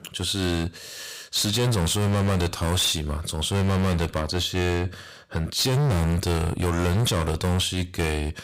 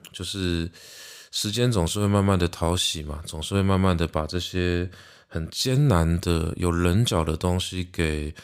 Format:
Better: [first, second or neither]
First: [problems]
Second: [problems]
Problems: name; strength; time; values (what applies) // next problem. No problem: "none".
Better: second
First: distortion; heavy; 22% of the sound clipped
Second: none